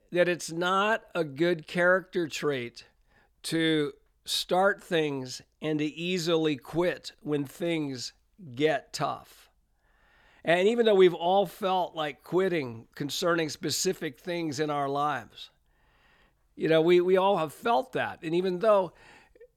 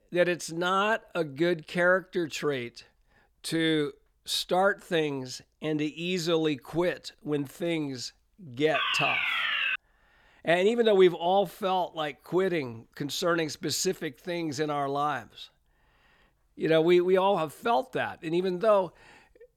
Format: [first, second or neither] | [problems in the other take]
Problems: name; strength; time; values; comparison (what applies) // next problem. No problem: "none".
first | alarm; loud; from 8.5 to 10 s; peak 2 dB above the speech